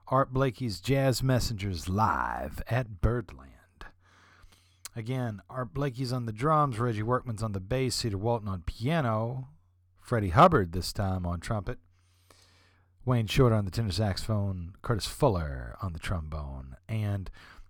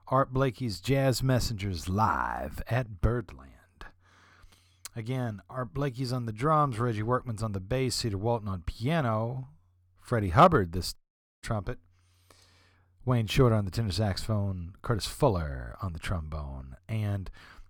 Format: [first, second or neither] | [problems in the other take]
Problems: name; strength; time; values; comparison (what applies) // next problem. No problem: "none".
first | audio cutting out; at 11 s